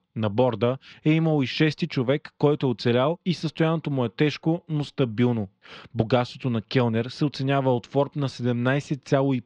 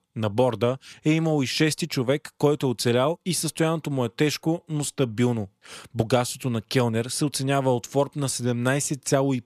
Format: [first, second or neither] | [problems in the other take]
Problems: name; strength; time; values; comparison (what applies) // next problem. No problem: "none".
second | muffled; slightly; fading above 4 kHz